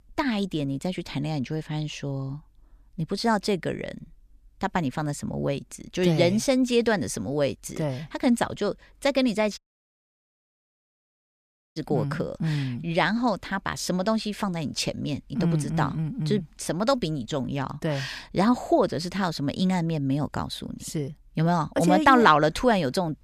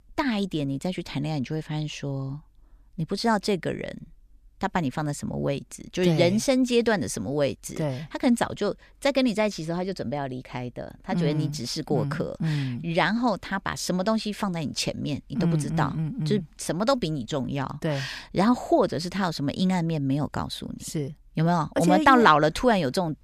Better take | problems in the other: second | audio cutting out; at 9.5 s for 2 s

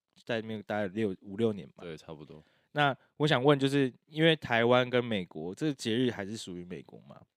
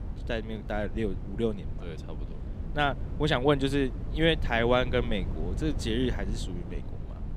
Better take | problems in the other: first | wind noise on the microphone; occasional gusts; 20 dB below the speech

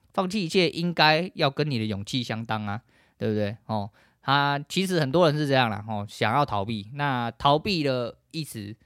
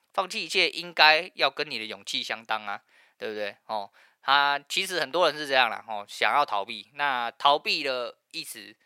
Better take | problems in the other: first | thin; very; fading below 650 Hz

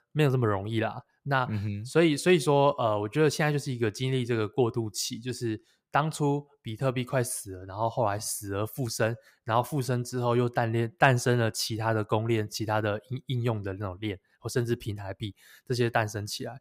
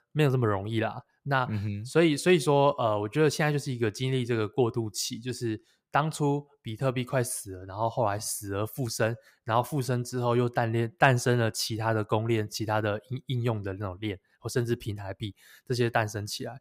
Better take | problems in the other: neither | none

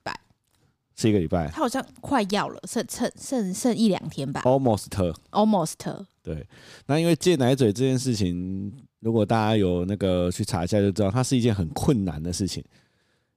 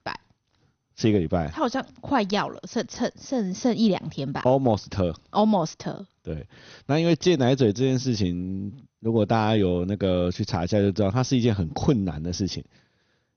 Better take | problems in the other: first | garbled, watery; slightly; nothing above 6.5 kHz

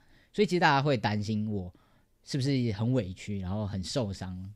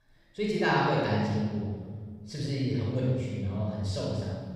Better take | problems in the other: first | off-mic speech; far // room echo; strong; dies away in 1.5 s

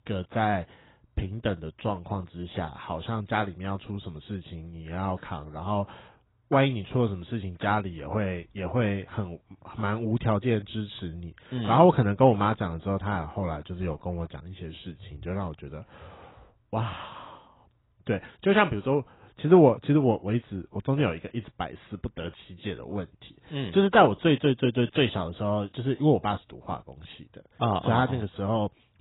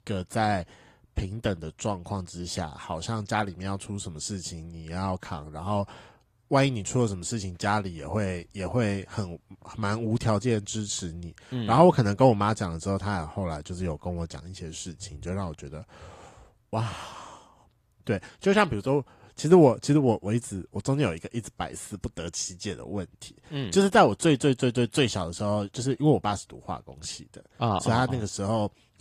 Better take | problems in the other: second | garbled, watery; badly; nothing above 4 kHz; slightly in the second

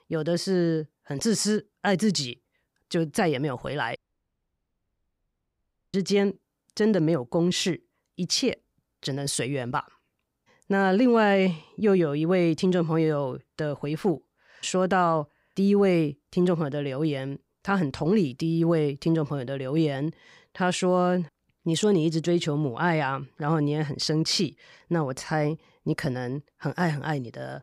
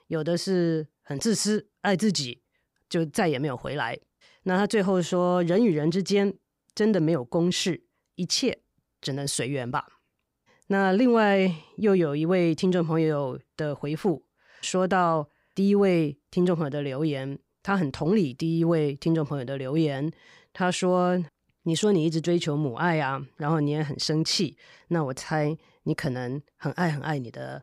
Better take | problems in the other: second | audio cutting out; at 4 s for 2 s

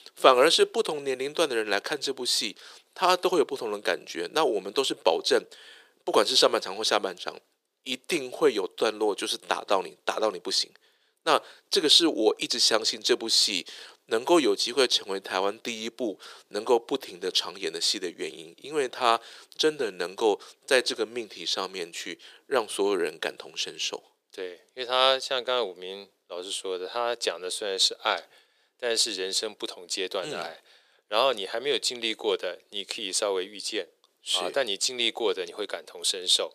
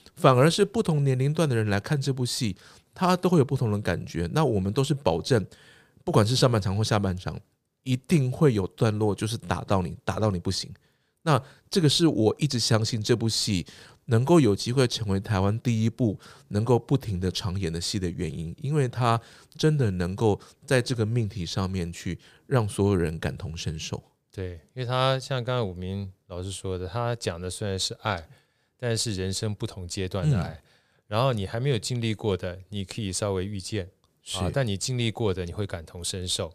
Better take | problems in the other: second | thin; very; fading below 350 Hz

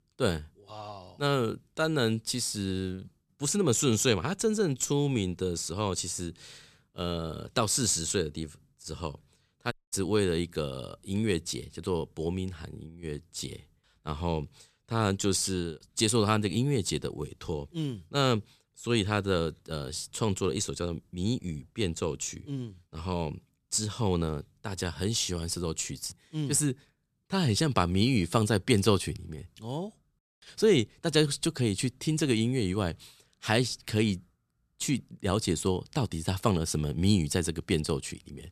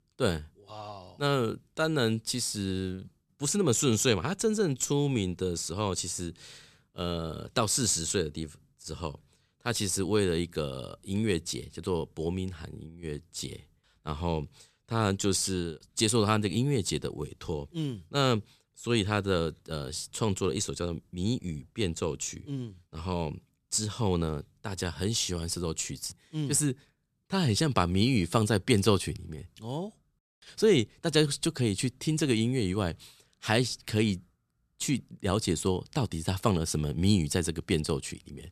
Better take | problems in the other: second | audio cutting out; at 9.5 s

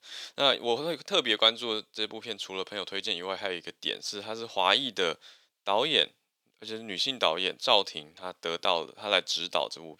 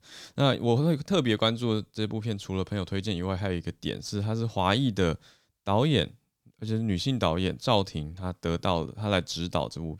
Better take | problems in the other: second | thin; very; fading below 500 Hz

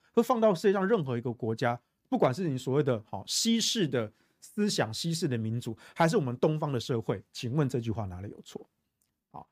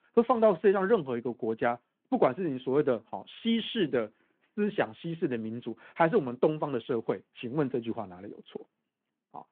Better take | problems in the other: first | phone-call audio; nothing above 3.5 kHz

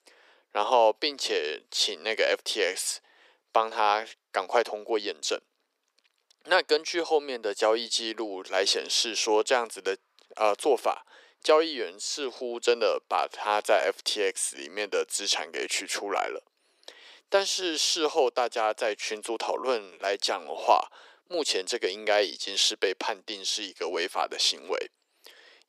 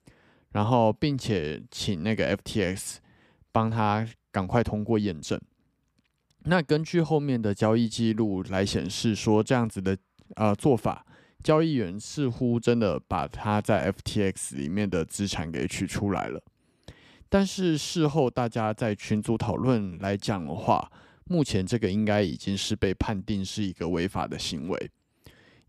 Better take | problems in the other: second | thin; very; fading below 400 Hz

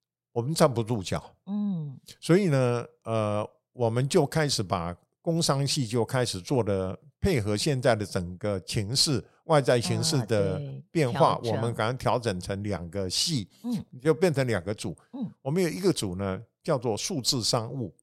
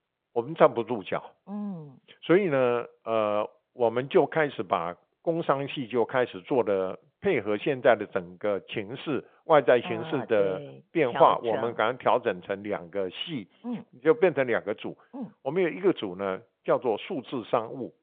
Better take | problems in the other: first | phone-call audio

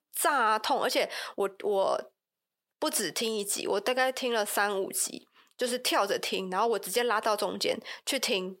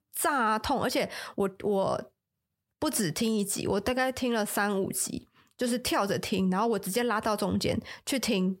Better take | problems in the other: second | thin; somewhat; fading below 450 Hz

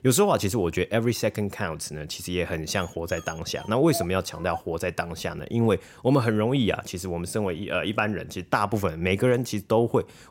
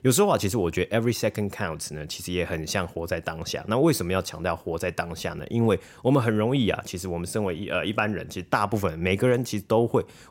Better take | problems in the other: second | dog barking; noticeable; from 3 to 6.5 s; peak 10 dB below the speech

